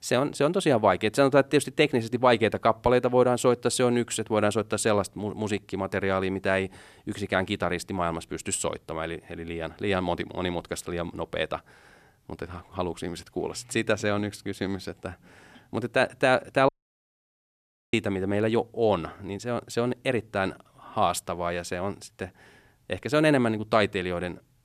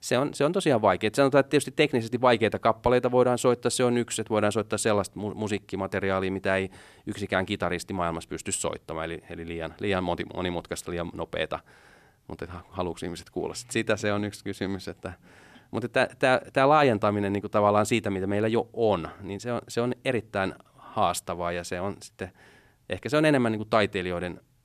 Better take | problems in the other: second | audio cutting out; at 17 s for 1 s

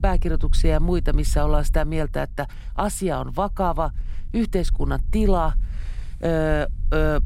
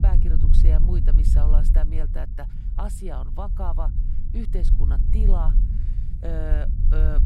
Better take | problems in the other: first | low rumble; loud; throughout; 5 dB below the speech; faint in the first

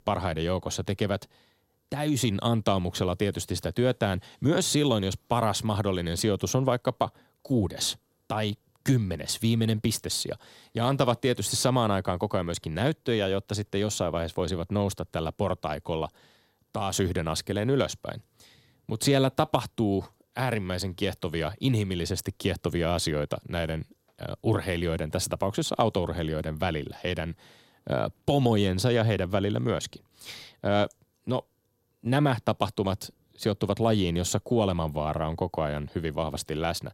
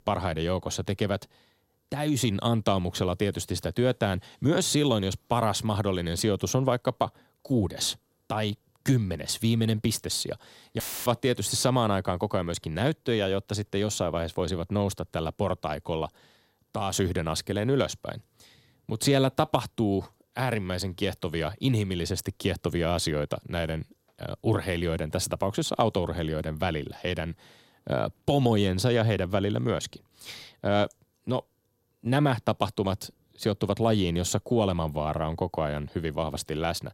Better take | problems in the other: first | audio cutting out; filled with static; at 11 s

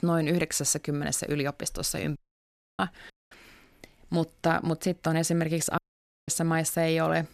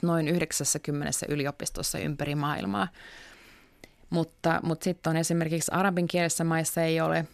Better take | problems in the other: second | audio cutting out; at 2 s for 0.5 s, at 3 s and at 6 s for 0.5 s

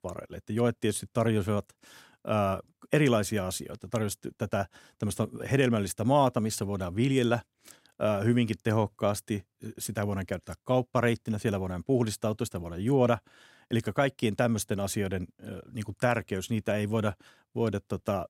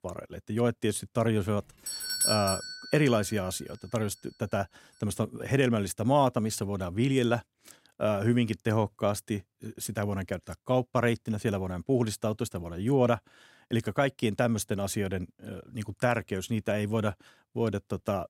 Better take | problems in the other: first | doorbell; loud; at 2 s; peak 3 dB above the speech

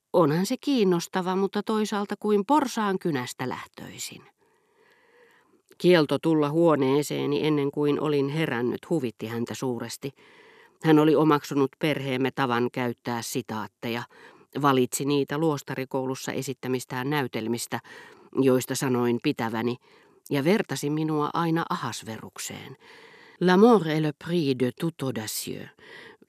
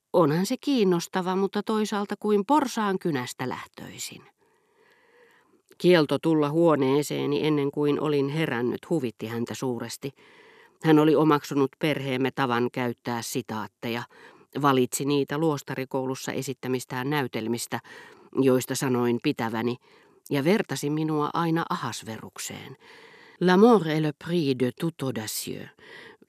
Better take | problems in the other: neither | none

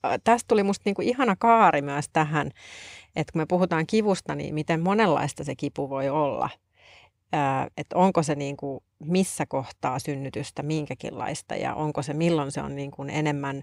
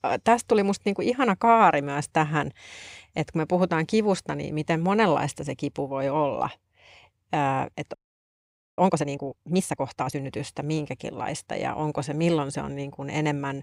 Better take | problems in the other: first | audio freezing; at 8 s for 1 s

